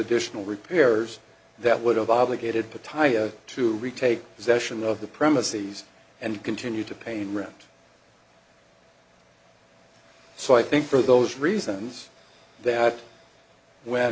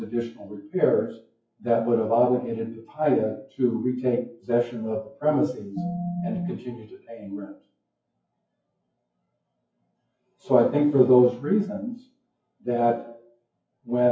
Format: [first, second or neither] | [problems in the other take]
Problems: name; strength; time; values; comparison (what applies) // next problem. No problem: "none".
first | noise reduction (classical method WPE with log-MMSE)